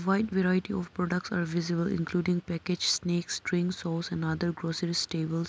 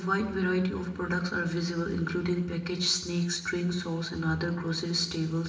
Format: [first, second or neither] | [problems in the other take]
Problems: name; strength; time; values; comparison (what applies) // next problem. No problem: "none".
first | room echo; dies away in 1 s